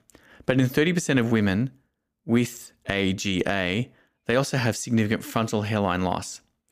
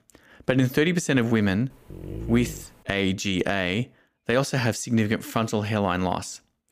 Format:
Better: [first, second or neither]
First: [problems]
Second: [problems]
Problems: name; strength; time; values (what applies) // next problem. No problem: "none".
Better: first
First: none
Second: dog barking; faint; at 1.5 s; peak 10 dB below the speech